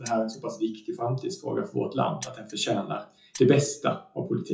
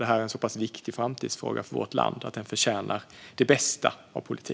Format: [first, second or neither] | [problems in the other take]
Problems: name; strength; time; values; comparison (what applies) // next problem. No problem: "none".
second | noise reduction (classical method WPE with log-MMSE)